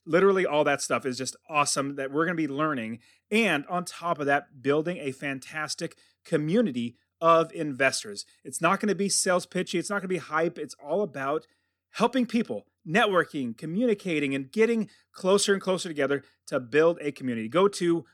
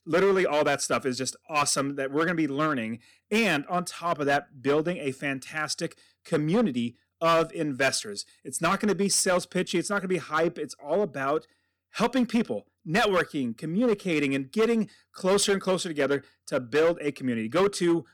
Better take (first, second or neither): first